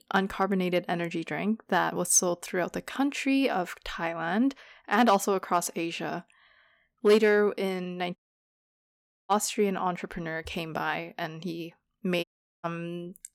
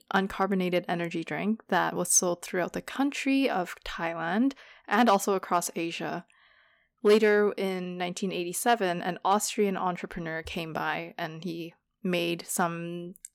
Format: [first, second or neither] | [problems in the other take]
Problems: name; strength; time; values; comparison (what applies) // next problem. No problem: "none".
second | audio cutting out; at 8 s for 1 s and at 12 s